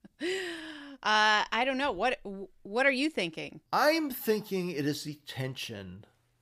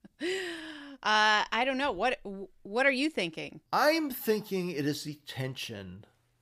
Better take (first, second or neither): neither